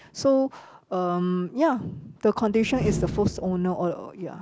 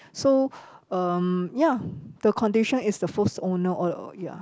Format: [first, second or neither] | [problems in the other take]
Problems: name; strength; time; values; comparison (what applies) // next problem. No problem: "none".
second | background sound (Slam); 11 dB below the speech